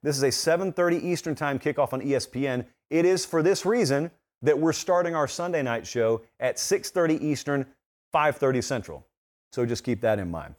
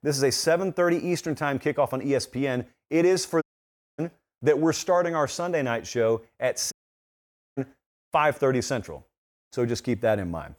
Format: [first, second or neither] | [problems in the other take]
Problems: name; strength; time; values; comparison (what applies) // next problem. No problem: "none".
first | audio cutting out; at 3.5 s for 0.5 s and at 6.5 s for 1 s